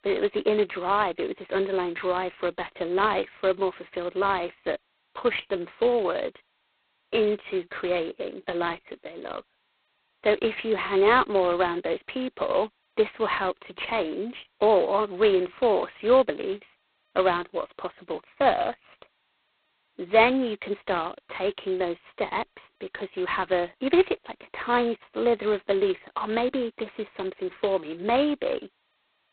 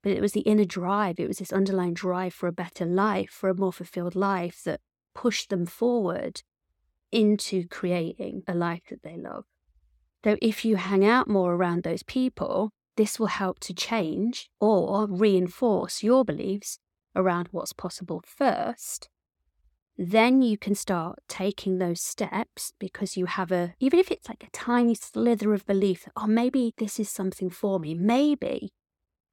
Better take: second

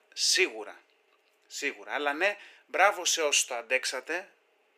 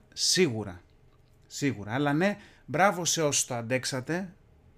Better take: second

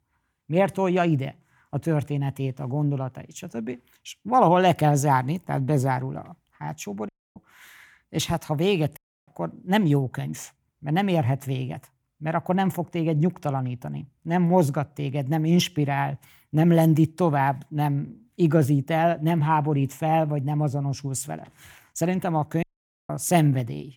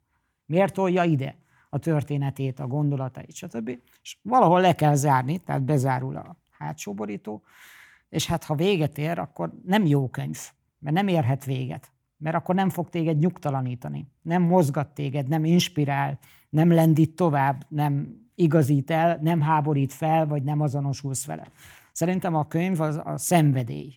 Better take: second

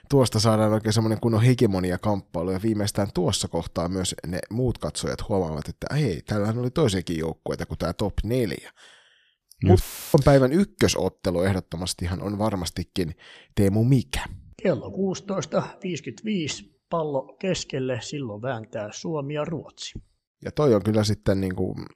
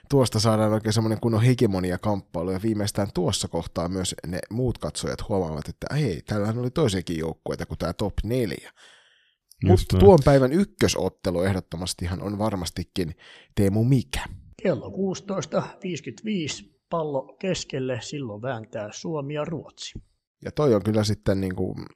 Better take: second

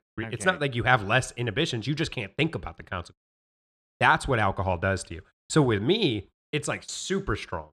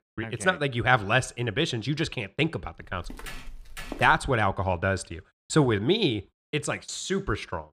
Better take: first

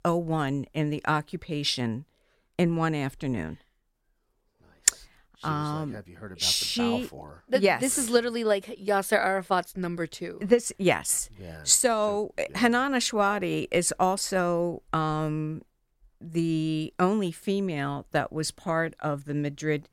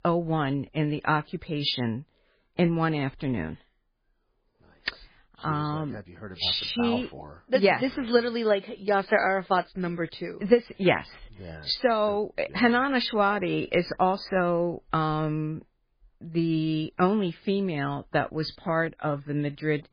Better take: first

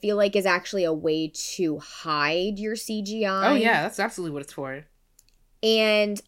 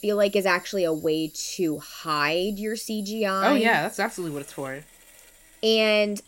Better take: first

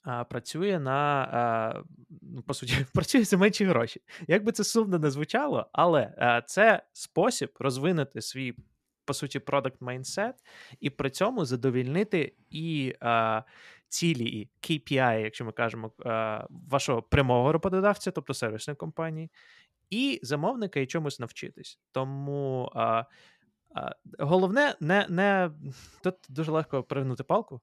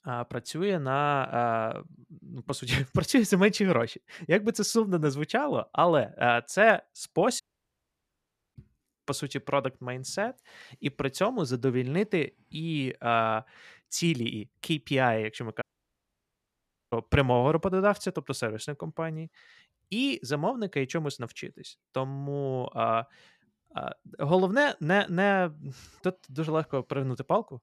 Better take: first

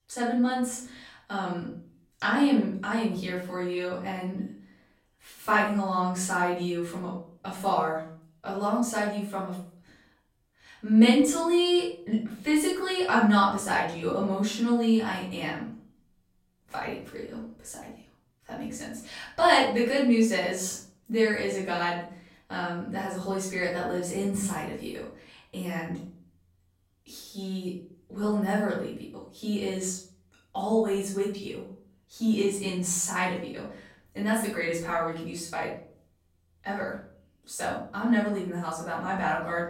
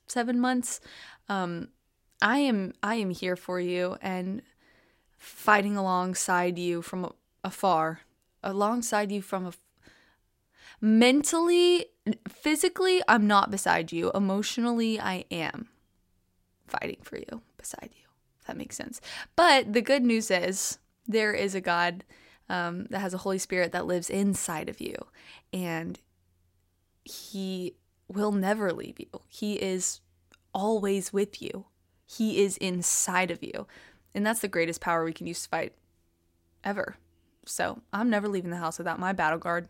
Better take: second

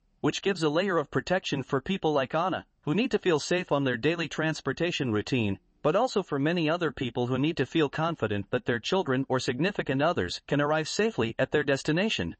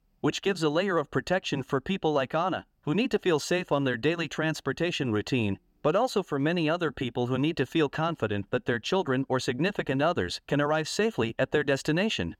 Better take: second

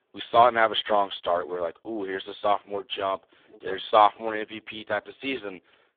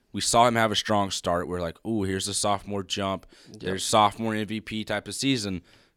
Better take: second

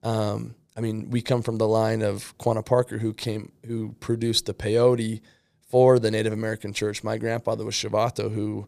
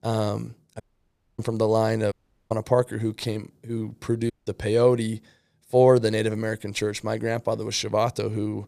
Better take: first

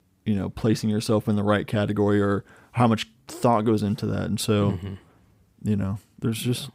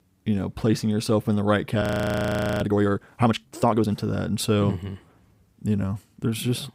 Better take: first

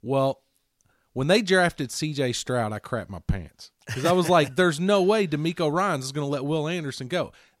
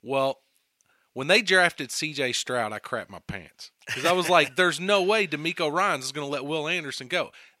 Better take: first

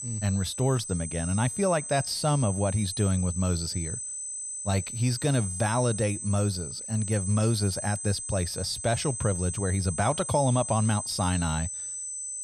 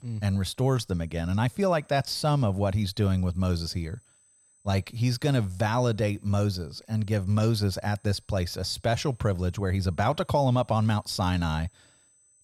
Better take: second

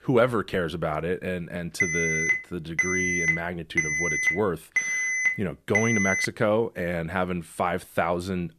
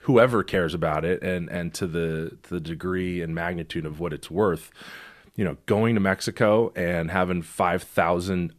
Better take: second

